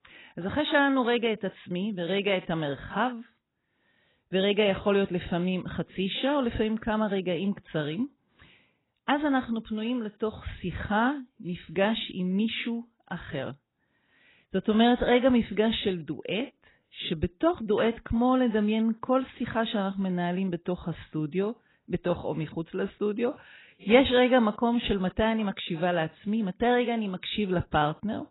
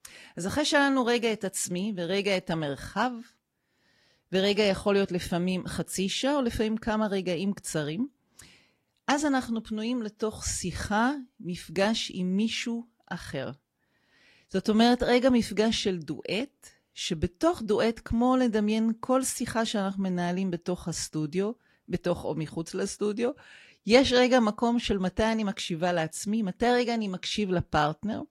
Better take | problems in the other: second | garbled, watery; badly; nothing above 4 kHz; slightly in the second

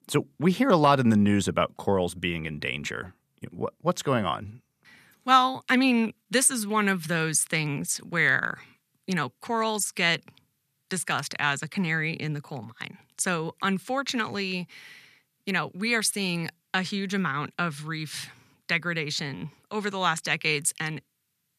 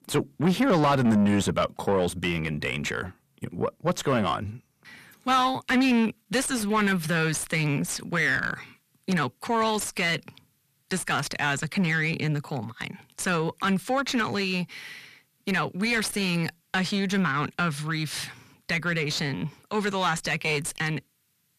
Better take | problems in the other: first | distortion; heavy; 7 dB below the speech

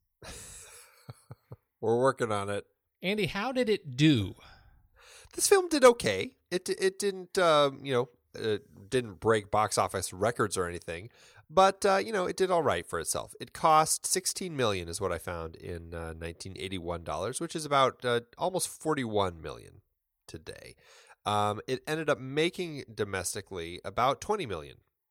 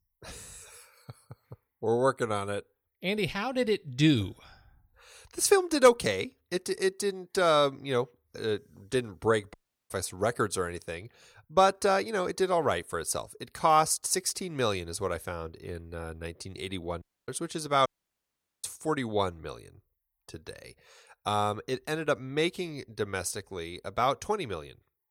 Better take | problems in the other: first | audio cutting out; at 9.5 s, at 17 s and at 18 s for 1 s

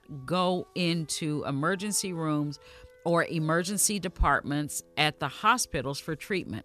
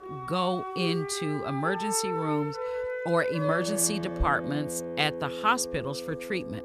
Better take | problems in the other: first | background music; loud; throughout; 5 dB below the speech; faint in the first

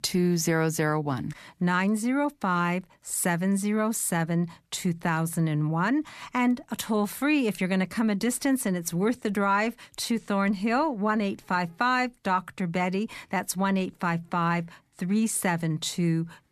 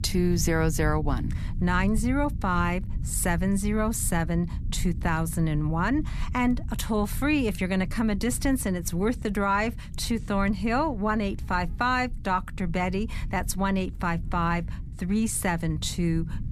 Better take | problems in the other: first | low rumble; faint; throughout; 20 dB below the speech

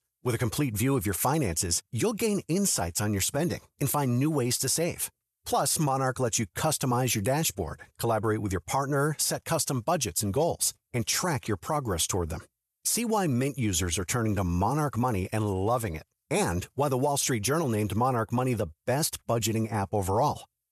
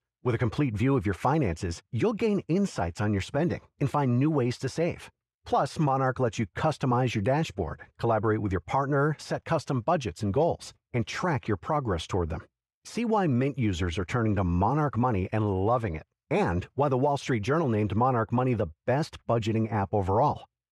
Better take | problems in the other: first | muffled; very; fading above 2.5 kHz

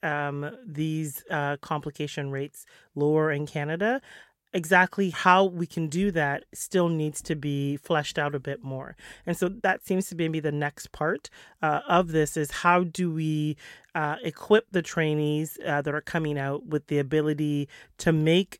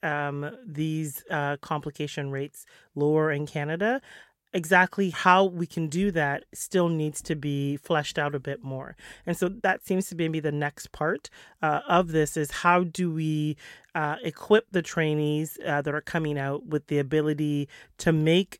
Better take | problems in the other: neither | none

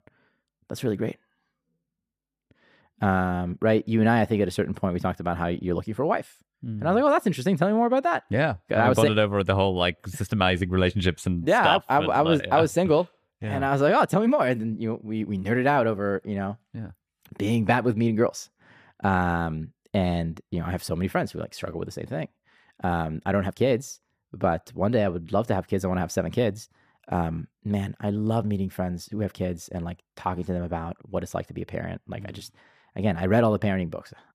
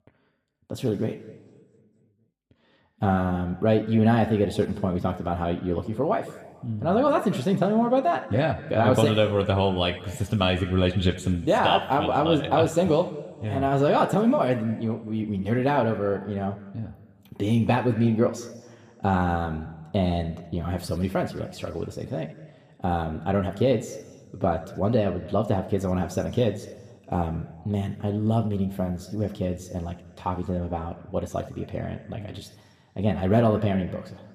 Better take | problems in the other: first | room echo; very slight; dies away in 1.1 s

